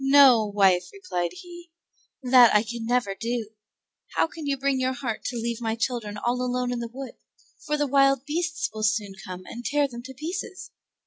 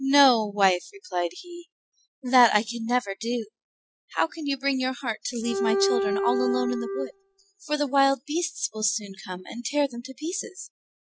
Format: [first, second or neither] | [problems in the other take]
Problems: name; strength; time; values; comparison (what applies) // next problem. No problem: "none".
first | noise reduction (classical method spectral subtraction)